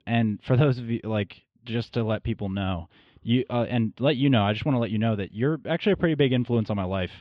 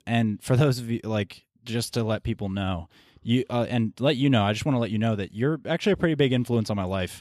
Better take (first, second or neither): second